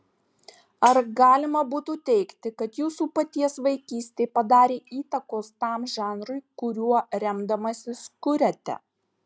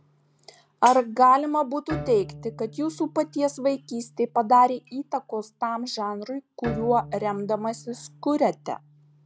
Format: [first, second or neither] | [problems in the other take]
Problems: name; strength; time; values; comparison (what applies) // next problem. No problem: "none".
first | background sound (Bowed string instrument); 17 dB below the speech